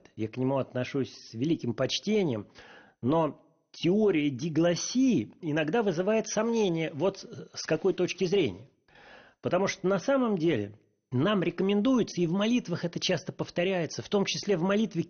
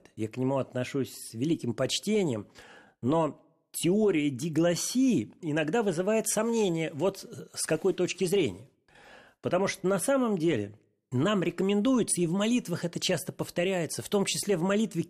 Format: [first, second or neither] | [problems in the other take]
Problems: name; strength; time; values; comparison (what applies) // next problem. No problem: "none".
second | garbled, watery; slightly; nothing above 6.5 kHz